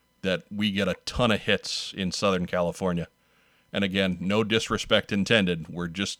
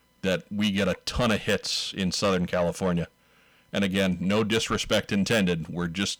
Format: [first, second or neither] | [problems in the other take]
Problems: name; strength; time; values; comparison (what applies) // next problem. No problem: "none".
first | distortion; slight; 10 dB below the speech